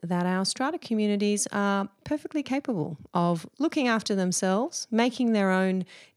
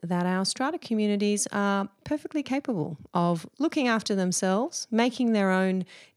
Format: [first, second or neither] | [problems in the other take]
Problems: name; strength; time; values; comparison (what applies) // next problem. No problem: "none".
neither | none